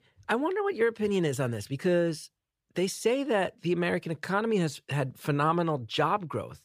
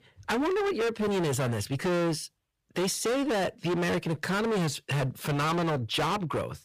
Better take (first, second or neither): first